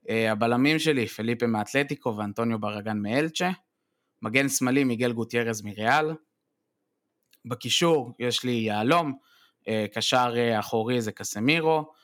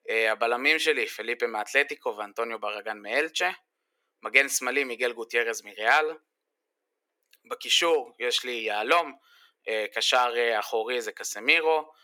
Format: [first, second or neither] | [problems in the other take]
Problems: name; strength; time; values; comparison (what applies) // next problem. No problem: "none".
first | thin; very; fading below 400 Hz